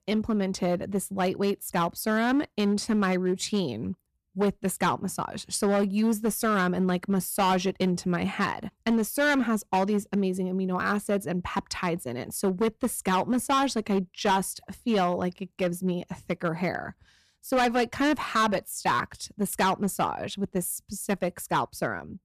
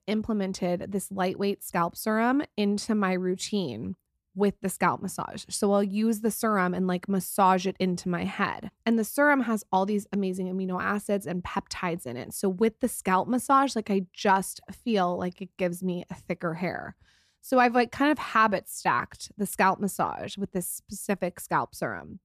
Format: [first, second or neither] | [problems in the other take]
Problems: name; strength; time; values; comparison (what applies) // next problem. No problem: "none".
second | distortion; slight; 7% of the sound clipped